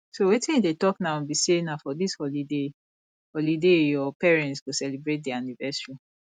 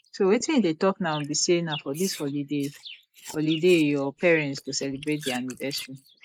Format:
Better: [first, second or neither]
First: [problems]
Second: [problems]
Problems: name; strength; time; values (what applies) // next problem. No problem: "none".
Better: first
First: none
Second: noise reduction (neural mask model Resemble Enhance denoiser)